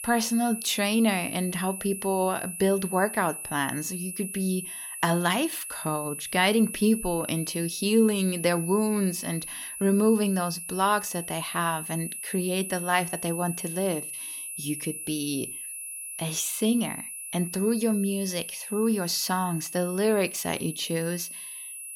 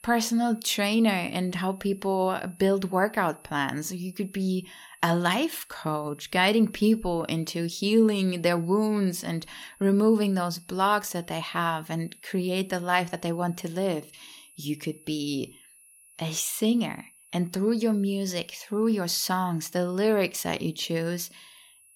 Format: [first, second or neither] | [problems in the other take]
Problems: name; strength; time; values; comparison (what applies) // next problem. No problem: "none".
second | high-pitched whine; loud; throughout; 10.5 kHz, 8 dB below the speech; faint in the second